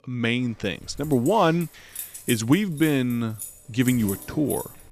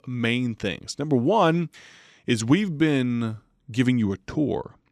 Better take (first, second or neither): second